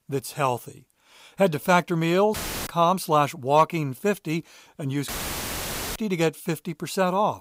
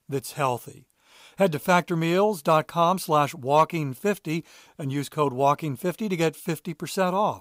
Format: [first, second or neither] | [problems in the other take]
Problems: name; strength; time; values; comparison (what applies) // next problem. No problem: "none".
second | audio cutting out; filled with static; at 2.5 s and at 5 s for 1 s